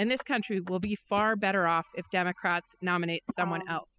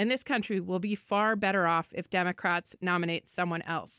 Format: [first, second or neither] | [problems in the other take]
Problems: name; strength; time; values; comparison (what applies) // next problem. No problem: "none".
second | noise reduction (classical method spectral subtraction)